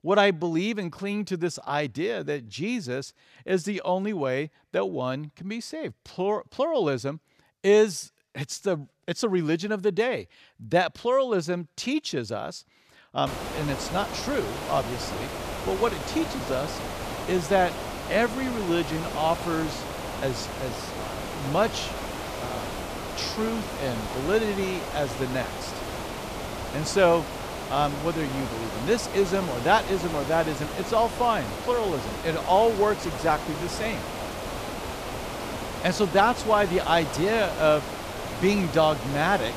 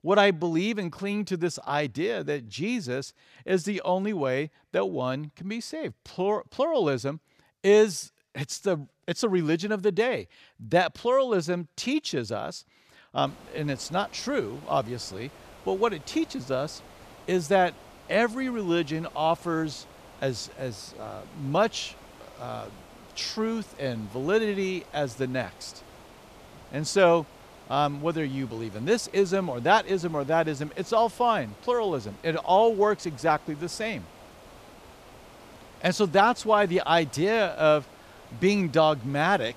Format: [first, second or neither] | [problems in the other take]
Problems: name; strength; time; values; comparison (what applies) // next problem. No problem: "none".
second | hiss; loud; from 13 s on; 7 dB below the speech; faint in the second